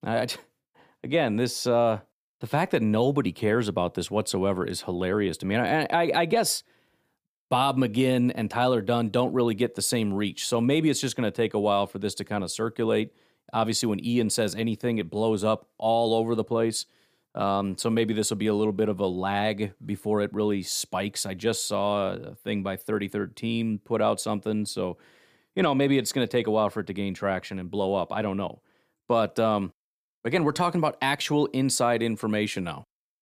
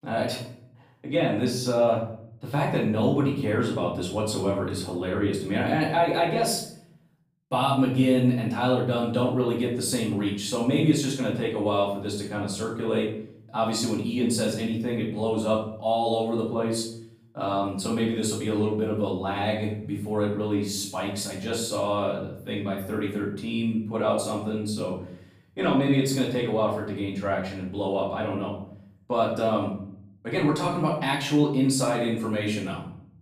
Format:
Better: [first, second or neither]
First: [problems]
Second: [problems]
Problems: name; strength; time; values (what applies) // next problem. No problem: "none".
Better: first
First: none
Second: room echo; noticeable; dies away in 0.7 s // off-mic speech; far